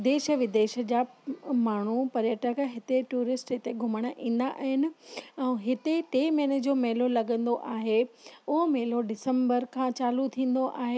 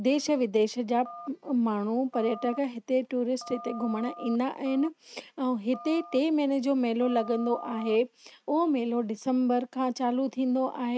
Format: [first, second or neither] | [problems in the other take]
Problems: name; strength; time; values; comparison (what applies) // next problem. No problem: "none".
first | noise reduction (neural mask model RNNoise)